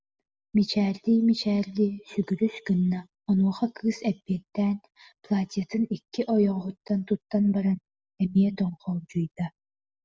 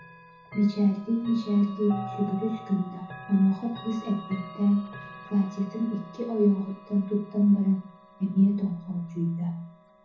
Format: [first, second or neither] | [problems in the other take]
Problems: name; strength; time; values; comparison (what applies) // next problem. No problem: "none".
first | background sound (Chime / Clock); 17 dB below the speech // room echo; dies away in 0.7 s